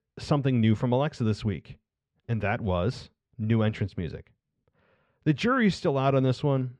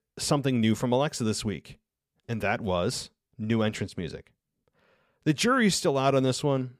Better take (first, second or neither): second